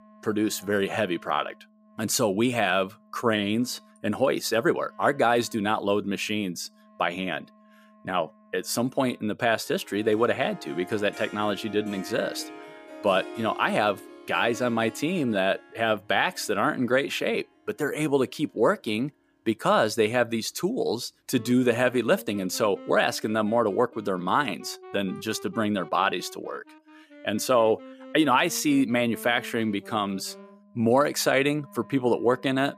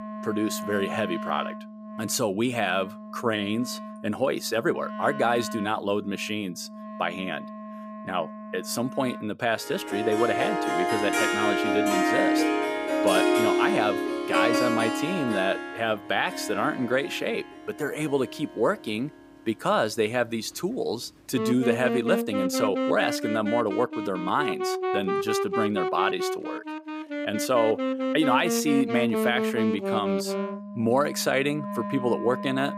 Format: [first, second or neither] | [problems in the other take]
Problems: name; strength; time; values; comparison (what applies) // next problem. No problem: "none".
first | background music; loud; throughout; 1 dB below the speech; faint in the first